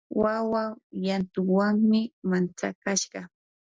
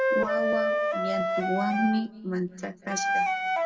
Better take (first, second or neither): first